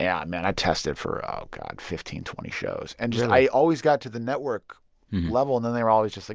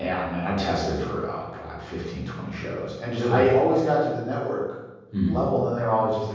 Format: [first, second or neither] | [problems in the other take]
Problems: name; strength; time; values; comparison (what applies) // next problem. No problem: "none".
first | room echo; dies away in 1.3 s